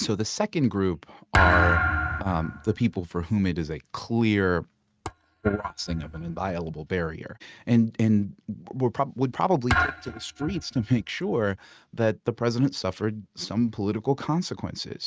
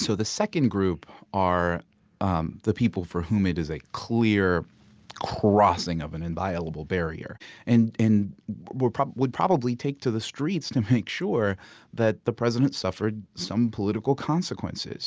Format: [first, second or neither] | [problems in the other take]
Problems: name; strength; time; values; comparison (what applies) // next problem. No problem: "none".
second | noise reduction (neural mask model RNNoise)